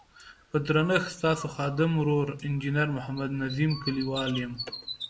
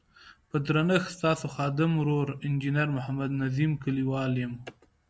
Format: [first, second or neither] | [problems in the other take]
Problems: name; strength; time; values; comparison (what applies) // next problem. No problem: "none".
second | background sound (Bird); 15 dB below the speech // room echo; dies away in 0.3 s